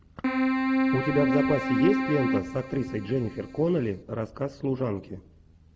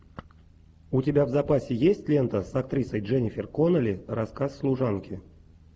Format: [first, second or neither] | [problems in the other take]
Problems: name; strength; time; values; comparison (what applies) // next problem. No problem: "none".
second | background sound (Keyboard (musical)); 1 dB above the speech